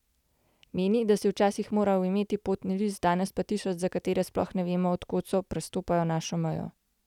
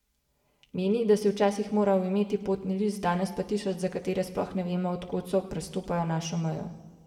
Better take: first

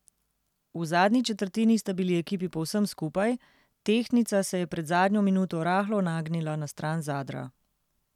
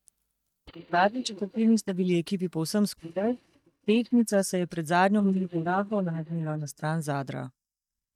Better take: first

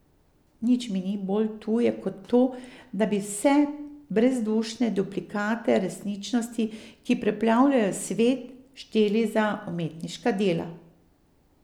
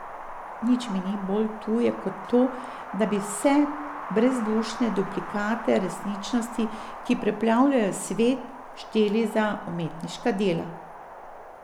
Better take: first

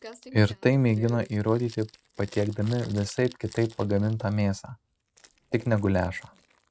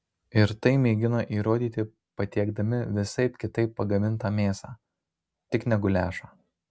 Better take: second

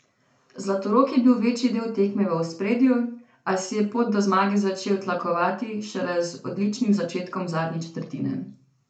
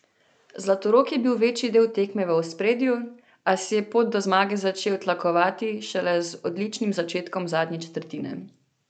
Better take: second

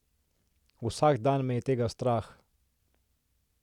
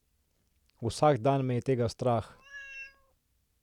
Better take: first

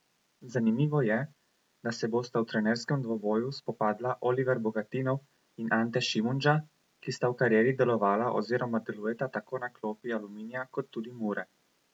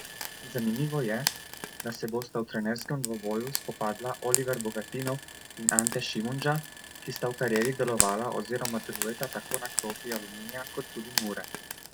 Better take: first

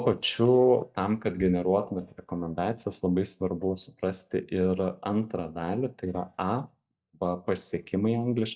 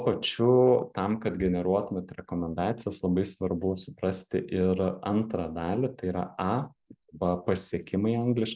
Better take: second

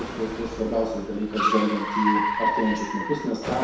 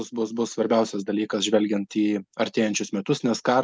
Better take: second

